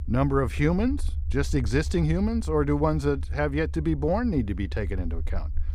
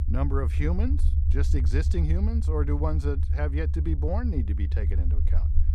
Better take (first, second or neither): first